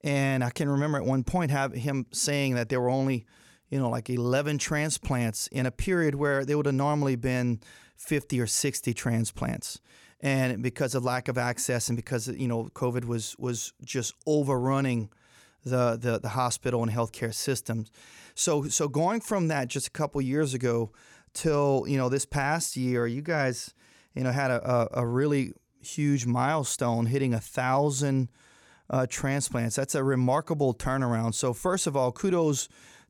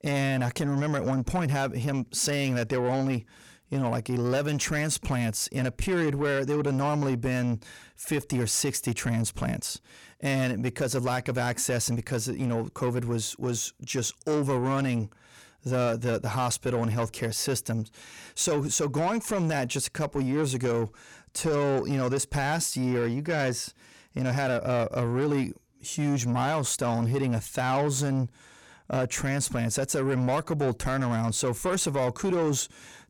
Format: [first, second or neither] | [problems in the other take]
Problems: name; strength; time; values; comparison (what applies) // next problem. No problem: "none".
first | distortion; slight; 10 dB below the speech